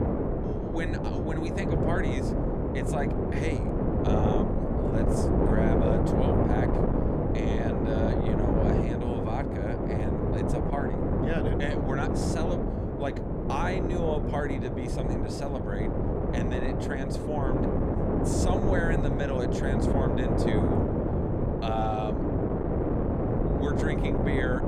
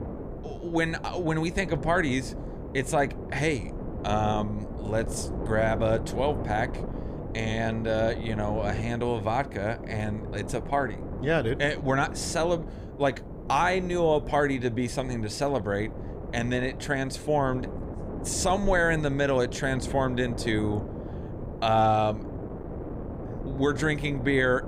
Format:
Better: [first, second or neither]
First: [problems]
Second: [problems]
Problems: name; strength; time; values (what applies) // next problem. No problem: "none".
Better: second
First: wind noise on the microphone; heavy; 3 dB above the speech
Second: wind noise on the microphone; occasional gusts; 15 dB below the speech